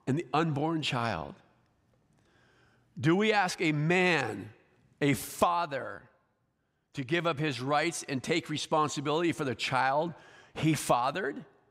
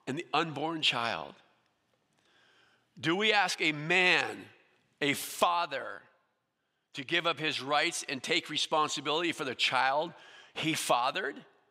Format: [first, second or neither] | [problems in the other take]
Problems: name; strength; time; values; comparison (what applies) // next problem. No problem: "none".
first | thin; very slightly; fading below 500 Hz